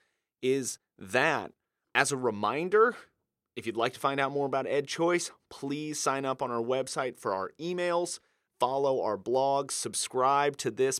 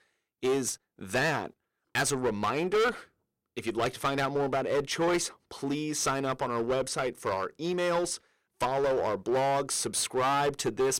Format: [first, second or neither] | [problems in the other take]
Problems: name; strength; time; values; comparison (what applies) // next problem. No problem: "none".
first | distortion; heavy; 11% of the sound clipped